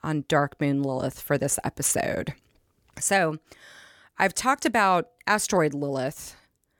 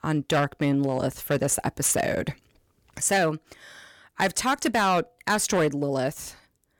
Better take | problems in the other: first | distortion; slight; 5% of the sound clipped

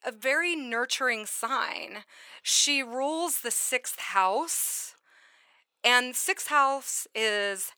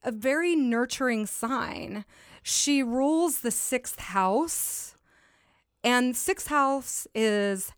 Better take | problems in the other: second | thin; somewhat; fading below 550 Hz

